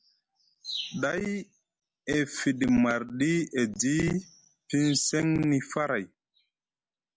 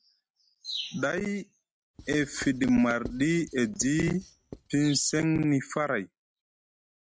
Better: first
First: none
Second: noise reduction (neural mask model RNNoise)

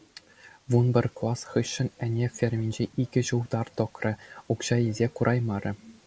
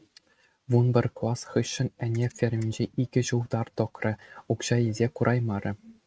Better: first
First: none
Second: noise reduction (neural mask model RNNoise)

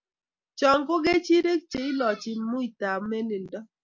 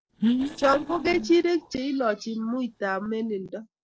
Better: first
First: none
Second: noise reduction (neural separator model SepFormer DNS4)

